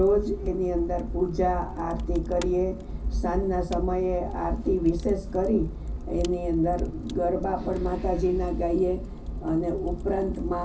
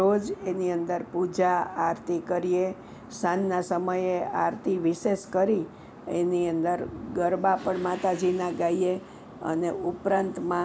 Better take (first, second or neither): second